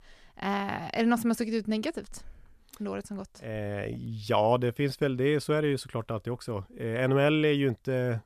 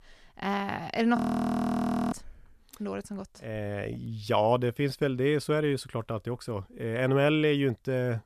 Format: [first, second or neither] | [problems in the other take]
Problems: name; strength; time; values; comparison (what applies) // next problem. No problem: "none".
first | audio freezing; at 1 s for 1 s